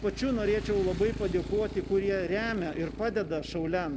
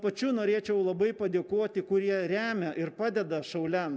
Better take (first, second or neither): second